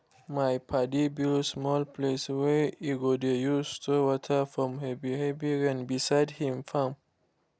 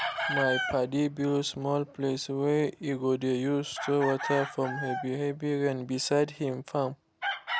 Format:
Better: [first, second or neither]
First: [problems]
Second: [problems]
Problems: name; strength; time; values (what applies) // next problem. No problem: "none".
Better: first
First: none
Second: background sound (Chicken, rooster); 8 dB below the speech